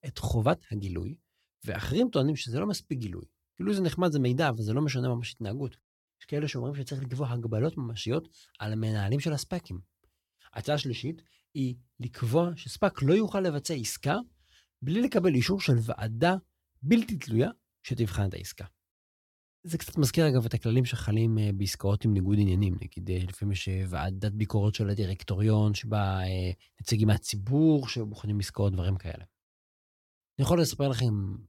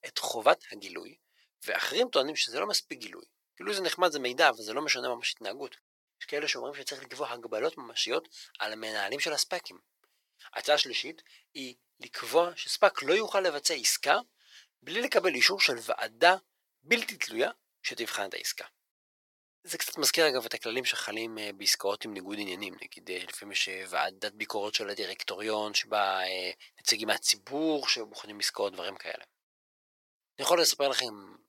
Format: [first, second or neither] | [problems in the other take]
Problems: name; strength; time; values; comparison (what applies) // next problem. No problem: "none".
first | thin; very; fading below 500 Hz